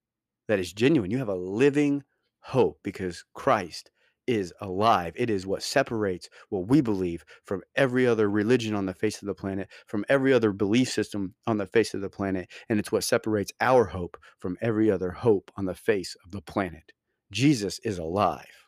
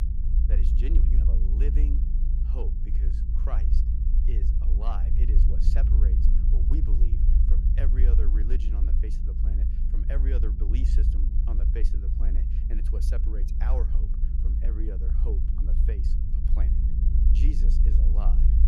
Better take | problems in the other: first | low rumble; loud; throughout; 1 dB below the speech

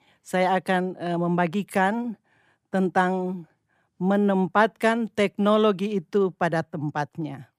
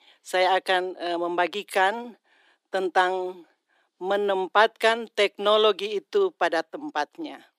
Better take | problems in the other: first | thin; very; fading below 300 Hz

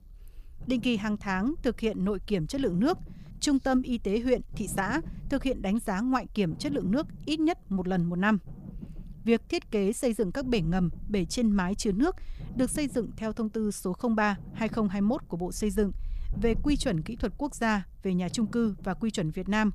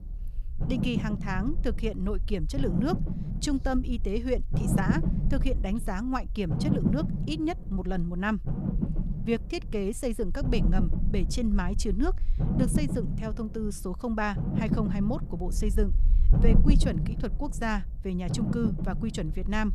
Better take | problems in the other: first | low rumble; loud; throughout; 5 dB below the speech; faint in the first

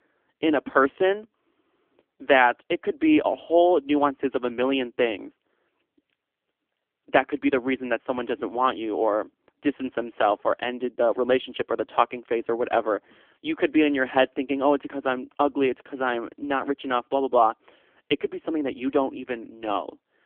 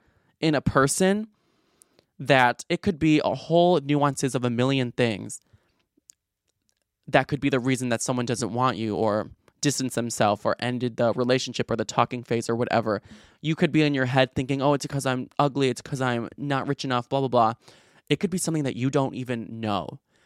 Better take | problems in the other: second | phone-call audio; poor line; nothing above 3.5 kHz

